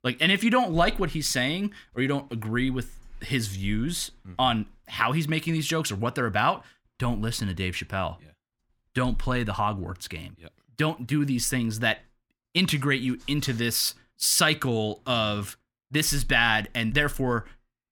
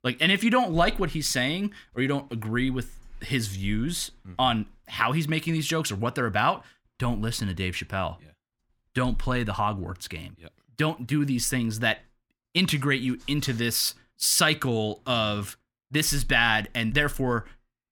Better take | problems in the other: neither | none

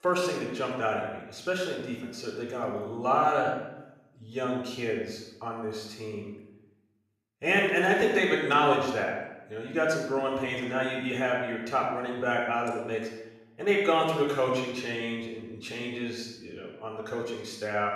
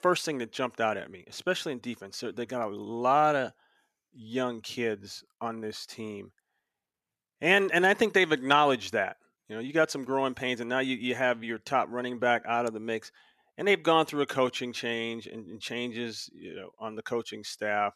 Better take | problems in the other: second | off-mic speech; somewhat distant // room echo; noticeable; dies away in 0.8 s

